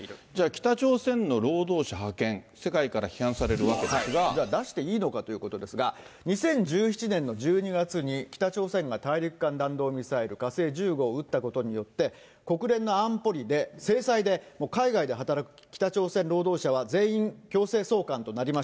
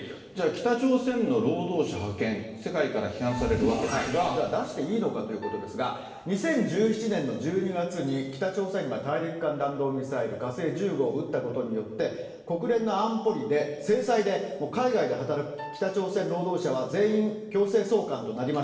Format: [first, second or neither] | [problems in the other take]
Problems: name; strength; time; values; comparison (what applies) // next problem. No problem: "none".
first | background sound (Piano); 18 dB below the speech // room echo; dies away in 1.2 s